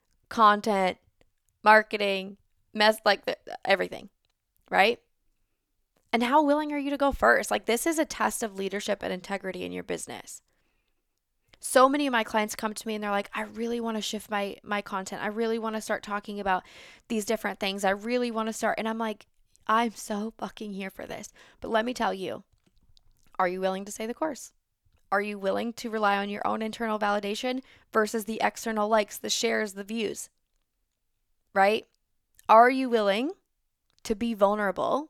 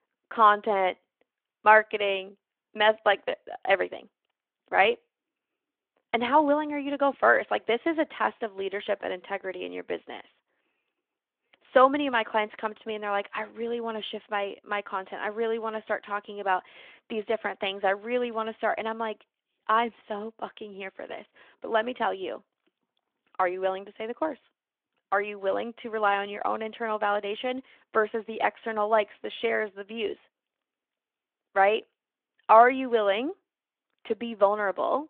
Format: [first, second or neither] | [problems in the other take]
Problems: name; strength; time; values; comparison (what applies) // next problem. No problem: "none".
first | phone-call audio